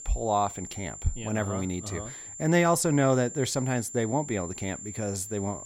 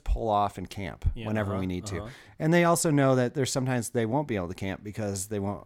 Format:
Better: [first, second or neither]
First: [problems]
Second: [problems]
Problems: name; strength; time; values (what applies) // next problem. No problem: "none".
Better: second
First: high-pitched whine; noticeable; throughout; 7.5 kHz, 10 dB below the speech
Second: none